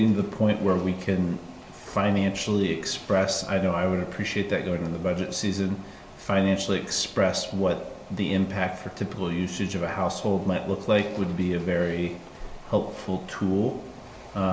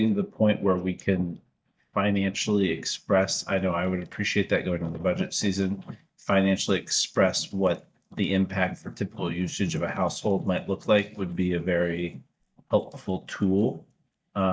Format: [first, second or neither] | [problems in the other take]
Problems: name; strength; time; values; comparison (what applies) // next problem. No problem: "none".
first | noise reduction (neural mask model DeepFilterNet 3)